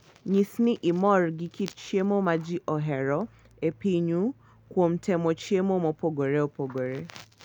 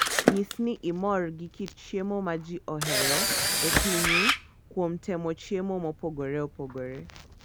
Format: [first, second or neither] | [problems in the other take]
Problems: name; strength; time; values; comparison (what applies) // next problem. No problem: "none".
first | background sound (Camera); 1 dB above the speech